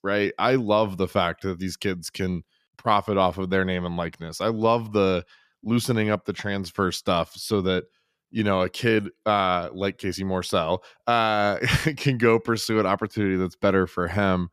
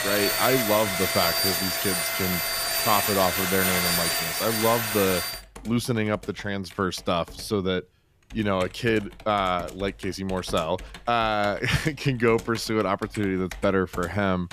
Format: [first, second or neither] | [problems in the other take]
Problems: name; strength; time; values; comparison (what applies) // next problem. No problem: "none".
first | household noises; very loud; throughout; 2 dB above the speech